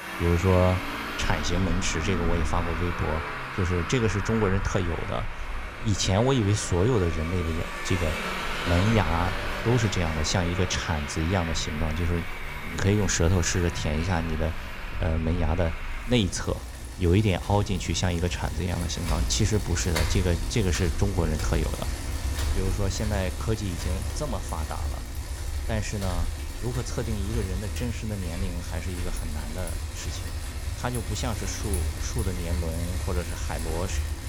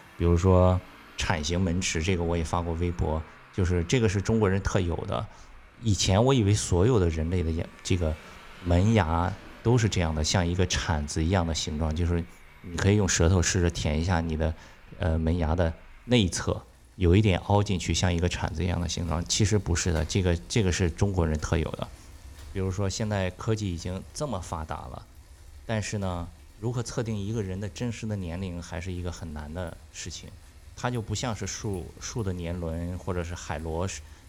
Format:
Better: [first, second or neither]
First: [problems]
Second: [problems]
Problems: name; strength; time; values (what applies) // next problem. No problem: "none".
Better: second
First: traffic noise; loud; throughout; 5 dB below the speech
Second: traffic noise; faint; throughout; 25 dB below the speech